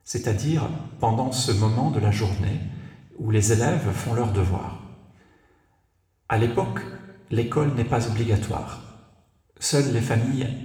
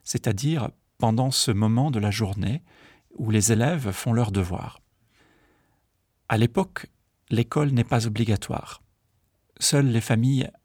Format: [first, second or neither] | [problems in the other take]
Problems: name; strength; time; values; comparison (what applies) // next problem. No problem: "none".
second | room echo; noticeable; dies away in 1 s // off-mic speech; somewhat distant